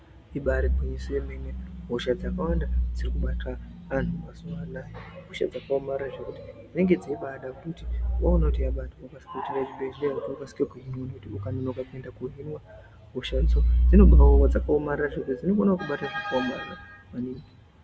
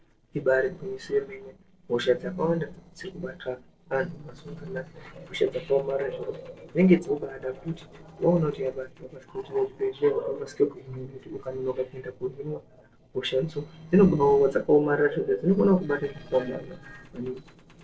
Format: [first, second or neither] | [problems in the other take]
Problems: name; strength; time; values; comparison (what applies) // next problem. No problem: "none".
first | noise reduction (neural separator model SepFormer DNS4)